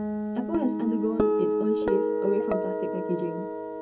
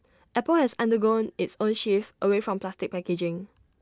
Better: second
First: background sound (Guitar); 3 dB above the speech // room echo; dies away in 0.3 s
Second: none

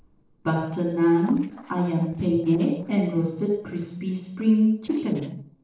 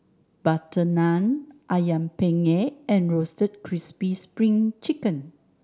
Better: second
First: noise reduction (neural separator model SepFormer DNS4)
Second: none

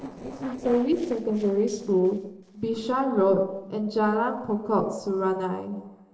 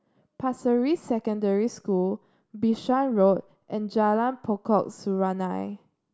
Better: second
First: noise reduction (neural separator model SepFormer DNS4)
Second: none

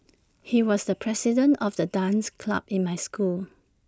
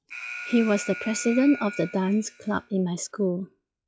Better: first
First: none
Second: noise reduction (classical method log-MMSE)

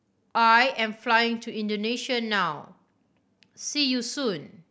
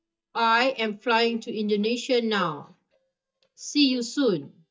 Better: first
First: none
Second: noise reduction (neural mask model DeepFilterNet 3)

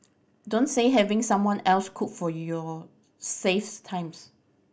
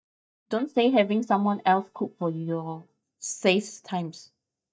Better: first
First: none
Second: noise reduction (neural mask model DeepFilterNet 3)

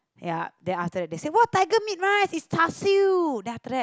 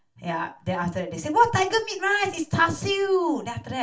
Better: first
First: none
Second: room echo; dies away in 0.2 s

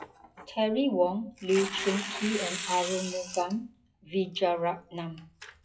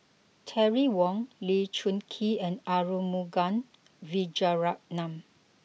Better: second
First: noise reduction (classical method WPE with log-MMSE)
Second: none

